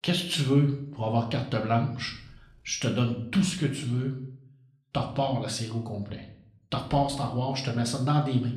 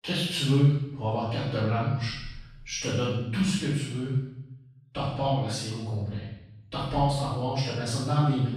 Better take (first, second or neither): first